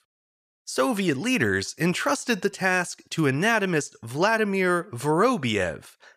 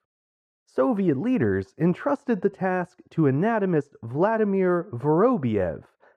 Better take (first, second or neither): first